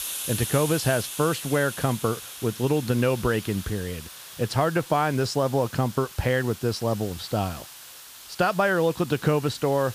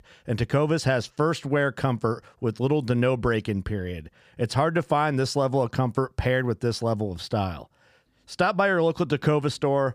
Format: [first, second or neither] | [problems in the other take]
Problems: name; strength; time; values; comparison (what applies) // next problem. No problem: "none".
second | hiss; noticeable; throughout; 10 dB below the speech